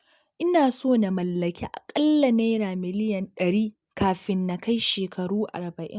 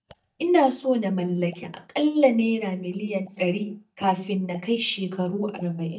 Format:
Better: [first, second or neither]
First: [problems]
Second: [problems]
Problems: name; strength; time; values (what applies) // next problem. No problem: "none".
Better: first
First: none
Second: noise reduction (neural mask model DeepFilterNet 3)